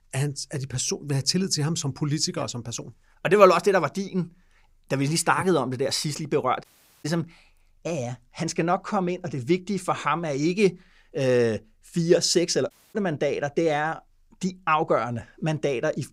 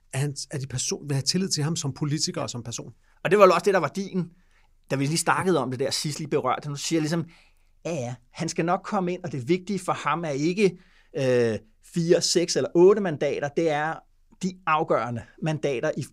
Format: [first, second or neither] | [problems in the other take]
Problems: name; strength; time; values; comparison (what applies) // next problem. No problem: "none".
second | audio cutting out; at 6.5 s and at 13 s